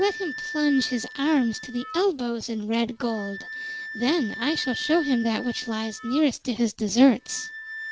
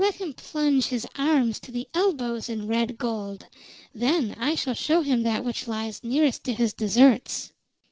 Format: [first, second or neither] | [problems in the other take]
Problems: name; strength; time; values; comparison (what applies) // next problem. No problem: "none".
second | background sound (Wind instrument, woodwind instrument); 12 dB below the speech